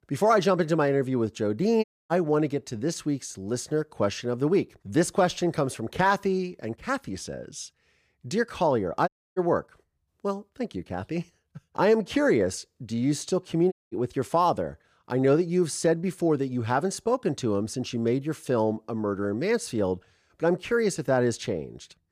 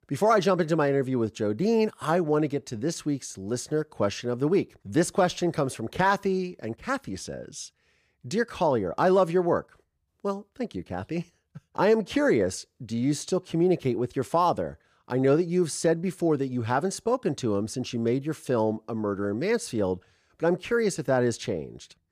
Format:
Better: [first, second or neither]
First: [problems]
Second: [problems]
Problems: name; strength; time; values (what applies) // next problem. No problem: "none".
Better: second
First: audio cutting out; at 2 s, at 9 s and at 14 s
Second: none